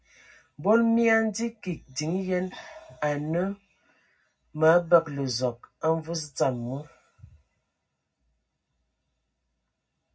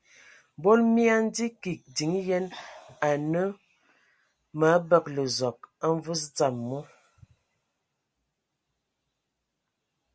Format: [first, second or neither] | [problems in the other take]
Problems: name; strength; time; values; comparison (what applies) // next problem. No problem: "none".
second | room echo; dies away in 0.4 s